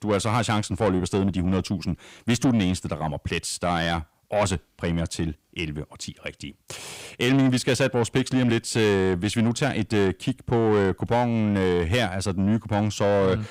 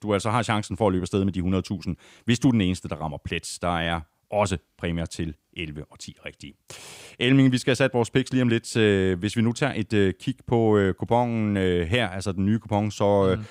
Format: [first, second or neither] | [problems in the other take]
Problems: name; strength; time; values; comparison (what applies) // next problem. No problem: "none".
second | distortion; slight; 10 dB below the speech